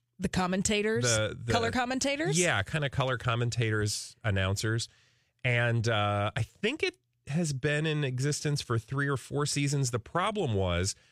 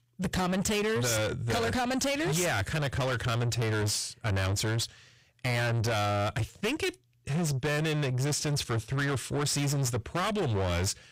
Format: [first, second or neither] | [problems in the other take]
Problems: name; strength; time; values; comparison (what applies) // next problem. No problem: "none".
first | distortion; heavy; 7 dB below the speech